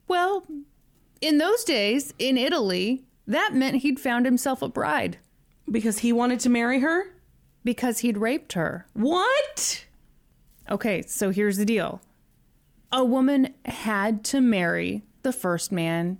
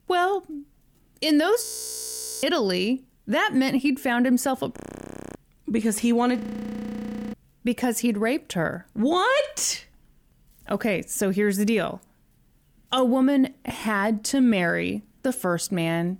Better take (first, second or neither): first